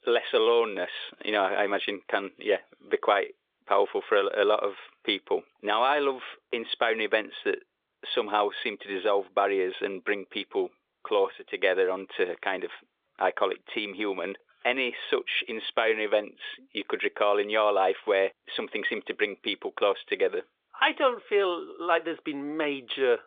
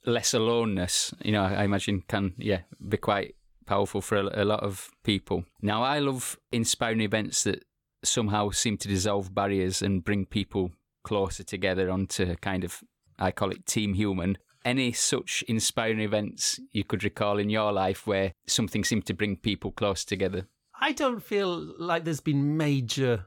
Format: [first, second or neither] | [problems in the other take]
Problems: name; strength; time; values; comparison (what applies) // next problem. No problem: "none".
second | phone-call audio; nothing above 3.5 kHz